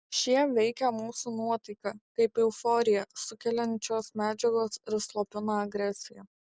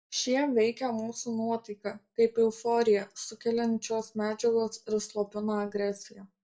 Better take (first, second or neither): first